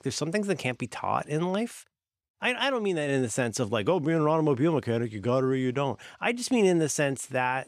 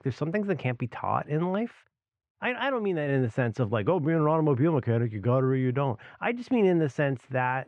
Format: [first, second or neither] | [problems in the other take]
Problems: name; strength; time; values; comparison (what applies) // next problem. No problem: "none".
first | muffled; very; fading above 2 kHz